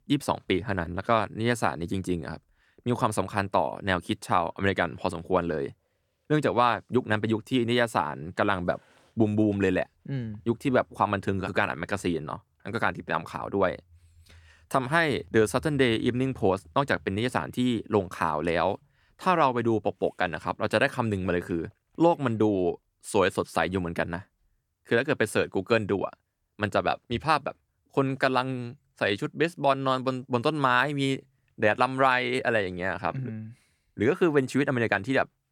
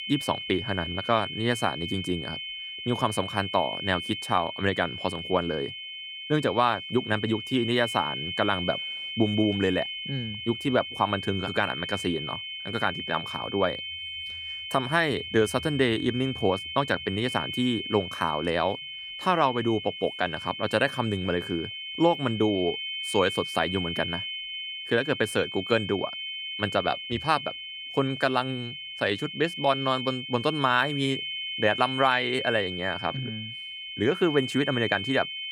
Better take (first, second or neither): first